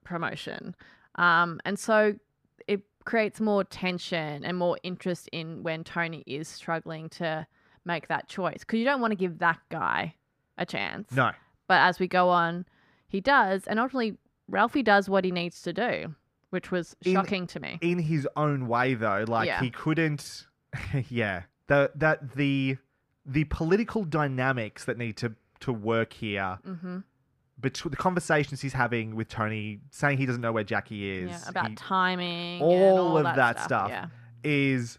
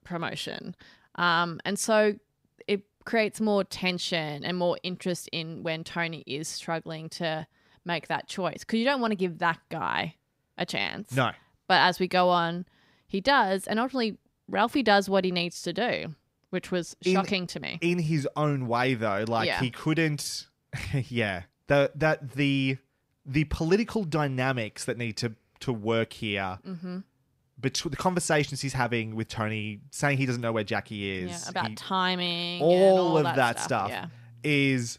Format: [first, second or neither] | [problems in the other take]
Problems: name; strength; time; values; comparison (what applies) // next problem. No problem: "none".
second | muffled; slightly; fading above 3 kHz